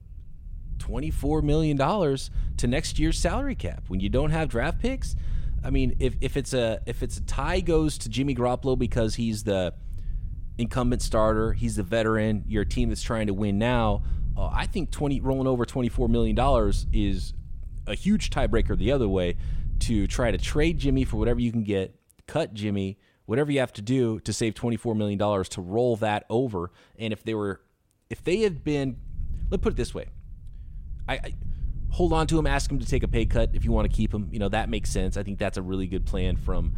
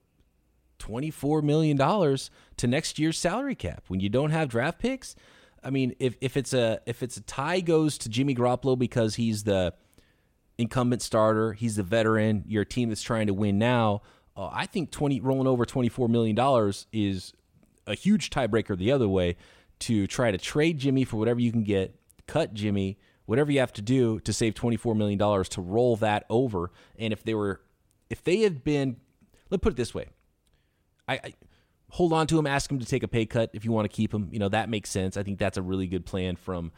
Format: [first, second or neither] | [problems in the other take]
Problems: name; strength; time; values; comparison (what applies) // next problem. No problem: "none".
second | low rumble; faint; until 21 s and from 28 s on; 25 dB below the speech